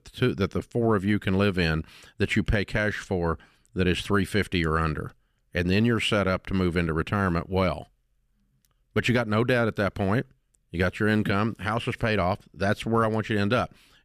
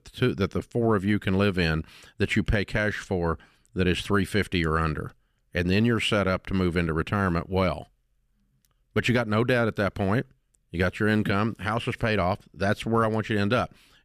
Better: neither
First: none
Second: none

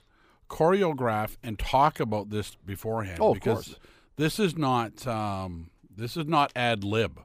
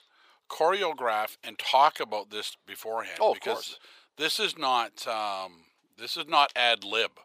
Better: first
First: none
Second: thin; very; fading below 650 Hz

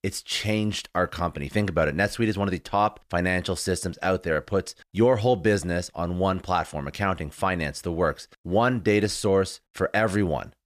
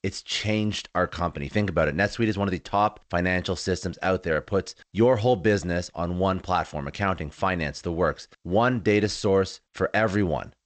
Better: first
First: none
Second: garbled, watery; slightly; nothing above 8 kHz

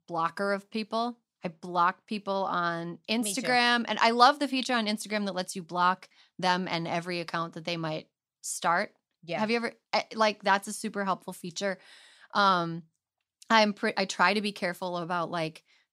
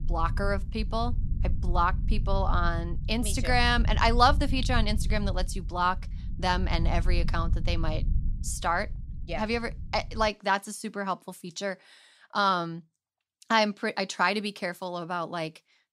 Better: first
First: none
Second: low rumble; faint; until 10 s; 20 dB below the speech

